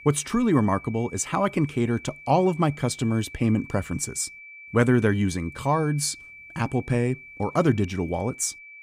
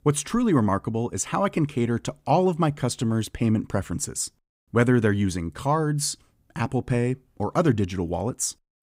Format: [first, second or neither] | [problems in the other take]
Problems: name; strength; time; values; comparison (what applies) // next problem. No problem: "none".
second | high-pitched whine; noticeable; throughout; 2.5 kHz, 20 dB below the speech